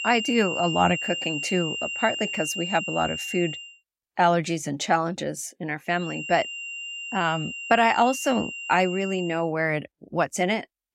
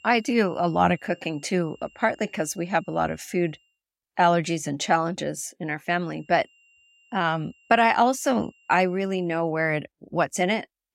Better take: second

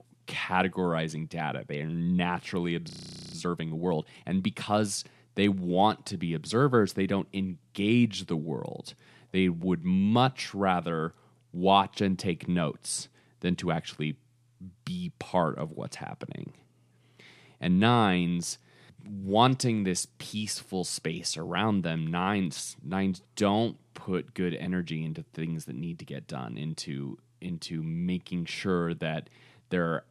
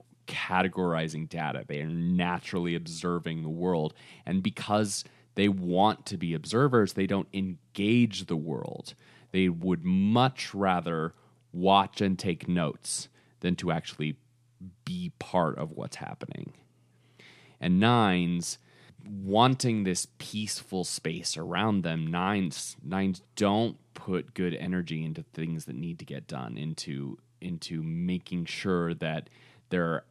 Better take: second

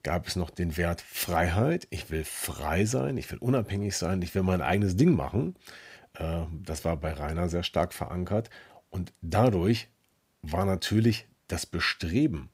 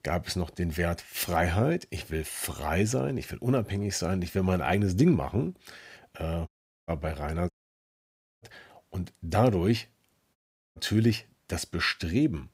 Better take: first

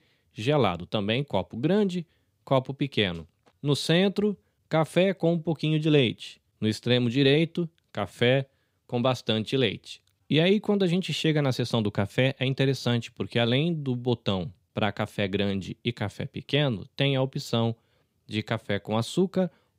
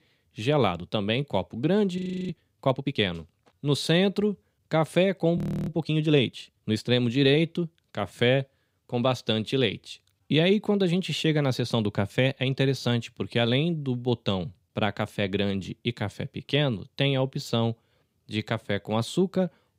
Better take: first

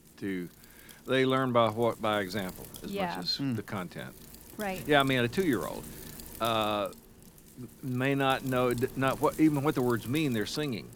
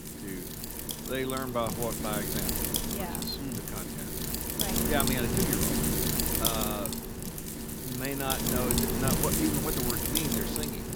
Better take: first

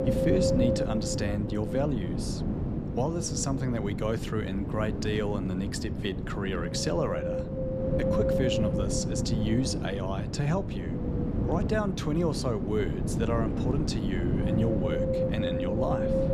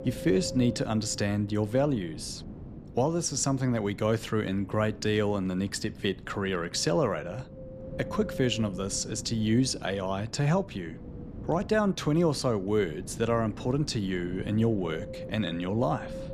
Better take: second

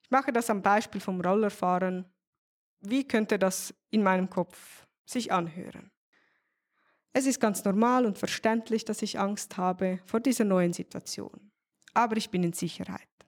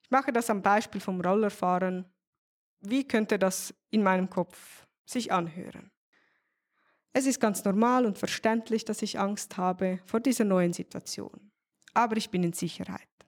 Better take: neither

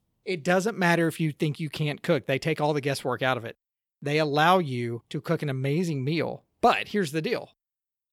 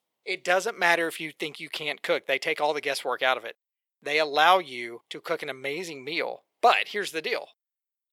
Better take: first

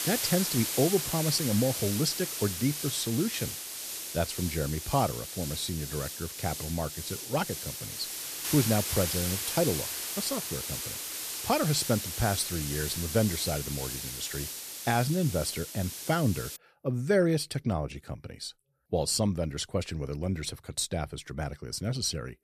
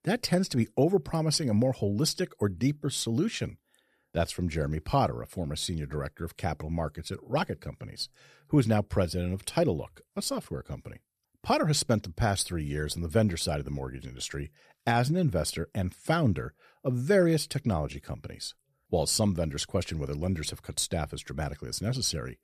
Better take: second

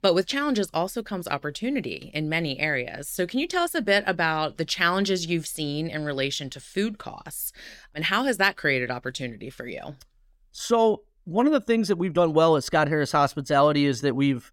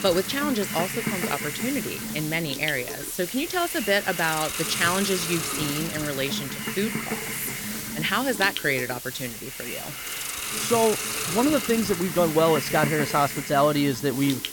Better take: first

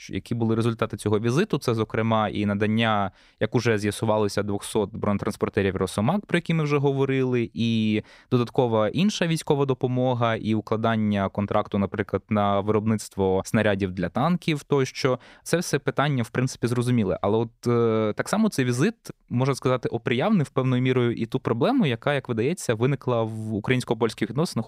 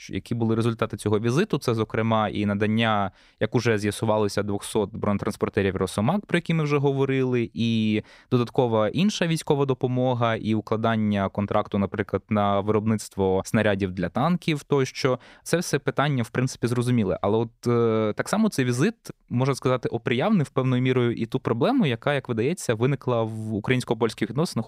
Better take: neither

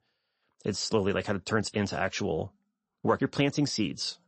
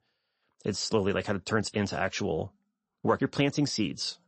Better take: neither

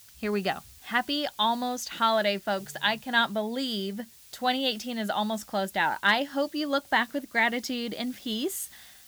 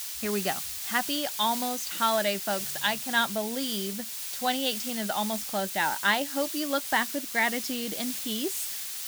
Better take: first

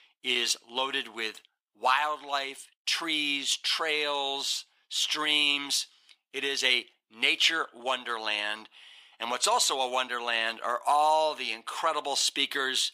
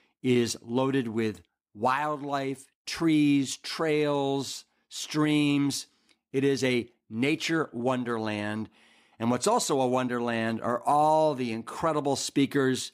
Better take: second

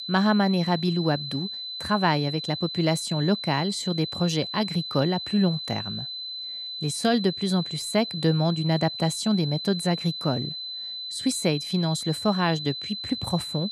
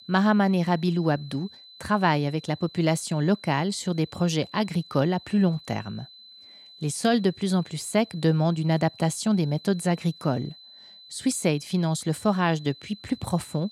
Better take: second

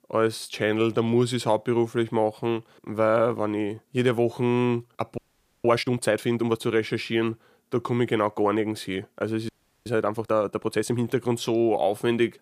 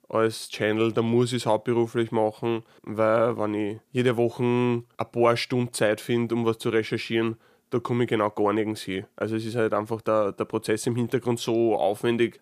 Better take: second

